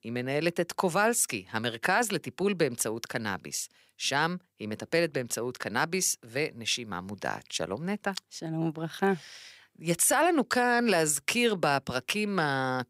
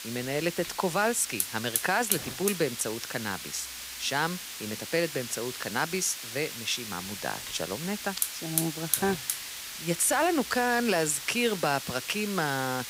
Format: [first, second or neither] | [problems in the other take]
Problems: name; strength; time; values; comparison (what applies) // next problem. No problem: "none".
first | hiss; loud; throughout; 4 dB below the speech